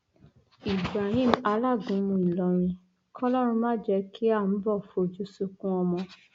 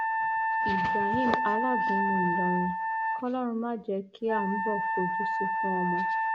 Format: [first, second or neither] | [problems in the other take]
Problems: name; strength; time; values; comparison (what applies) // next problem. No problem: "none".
first | background sound (Wind instrument, woodwind instrument); 3 dB above the speech